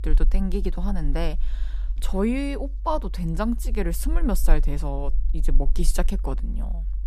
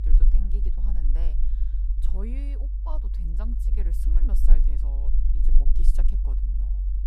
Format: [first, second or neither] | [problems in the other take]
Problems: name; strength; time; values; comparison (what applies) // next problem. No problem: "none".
first | low rumble; loud; throughout; 2 dB below the speech; faint in the first